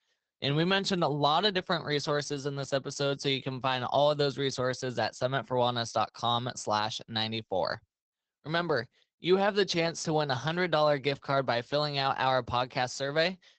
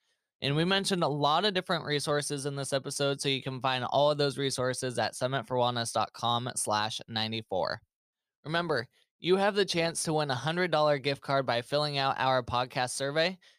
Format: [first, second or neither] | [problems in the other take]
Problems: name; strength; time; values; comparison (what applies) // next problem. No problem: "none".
second | garbled, watery; badly; nothing above 8 kHz